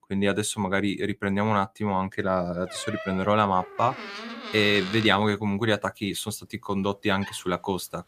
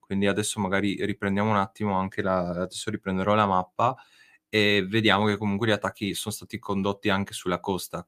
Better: second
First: door banging; noticeable; from 2.5 to 7.5 s; peak 7 dB below the speech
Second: none

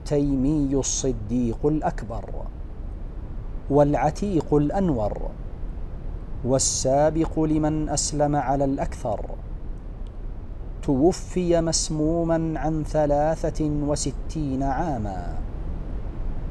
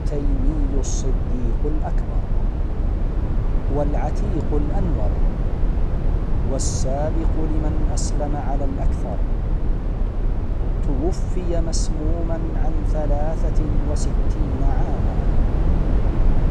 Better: first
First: low rumble; faint; throughout; 20 dB below the speech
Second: low rumble; loud; throughout; 4 dB below the speech

